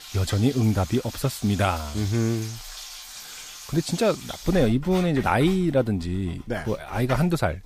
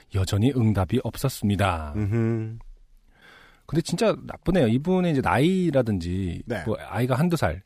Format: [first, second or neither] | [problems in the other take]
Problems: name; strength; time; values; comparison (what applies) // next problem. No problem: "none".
second | household noises; noticeable; throughout; 15 dB below the speech